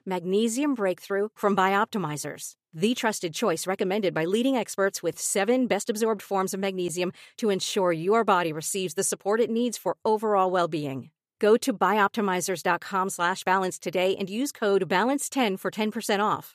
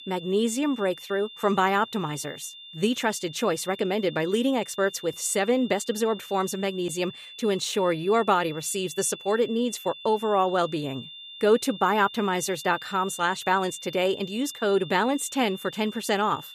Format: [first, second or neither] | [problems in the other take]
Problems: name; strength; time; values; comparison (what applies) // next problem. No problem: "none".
first | high-pitched whine; noticeable; throughout; 3.5 kHz, 15 dB below the speech